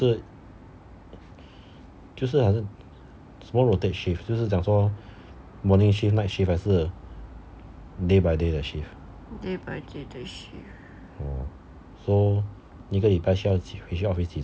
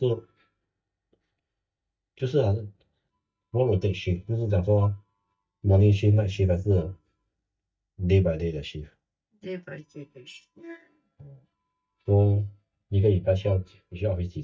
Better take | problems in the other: first | noise reduction (neural mask model DeepFilterNet 3)

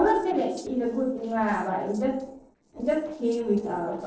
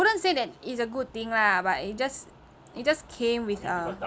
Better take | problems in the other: second | noise reduction (neural separator model SepFormer DNS4)

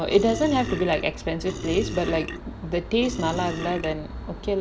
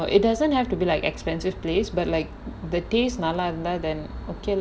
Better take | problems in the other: second | background sound (Burping, eructation); 10 dB below the speech

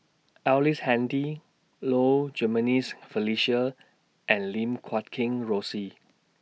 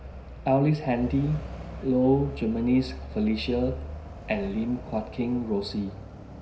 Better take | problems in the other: first | background sound (Alarm / Truck); 11 dB below the speech // room echo; dies away in 0.5 s

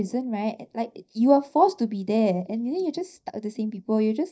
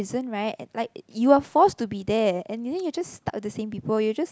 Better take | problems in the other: second | noise reduction (neural mask model DeepFilterNet 3)

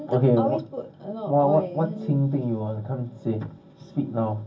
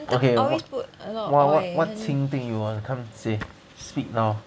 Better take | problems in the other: second | room echo; dies away in 0.4 s

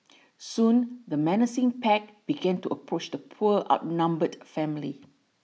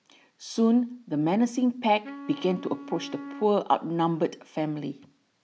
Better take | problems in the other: first | background sound (Wind instrument, woodwind instrument); 15 dB below the speech

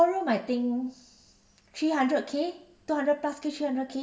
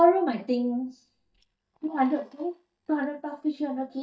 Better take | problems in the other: first | noise reduction (neural mask model DeepFilterNet 3)

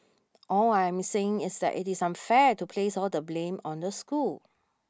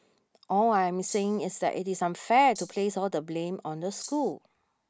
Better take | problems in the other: first | background sound (Rattle (instrument)); 15 dB below the speech

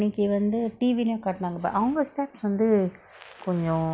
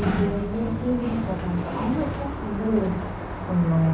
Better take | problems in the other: first | background sound (Sliding door); 3 dB below the speech // room echo; dies away in 0.6 s

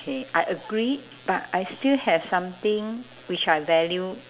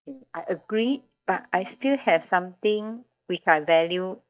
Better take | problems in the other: first | noise reduction (neural mask model DeepFilterNet 3)

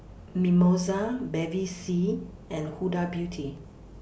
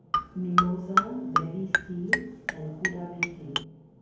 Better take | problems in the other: first | background sound (Marimba, xylophone); 5 dB above the speech // room echo; dies away in 1 s

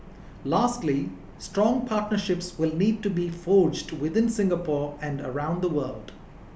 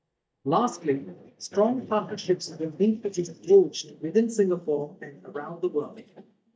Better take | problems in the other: first | noise reduction (neural mask model DeepFilterNet 3)

